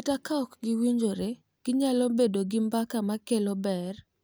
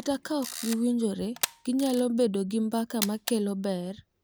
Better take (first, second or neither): first